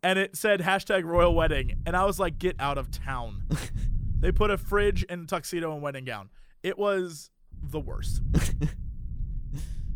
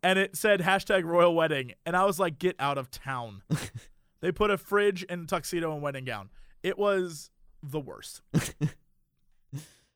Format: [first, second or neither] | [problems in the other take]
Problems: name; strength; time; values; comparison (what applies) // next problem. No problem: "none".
second | low rumble; faint; from 1 to 5 s and from 7.5 s on; 25 dB below the speech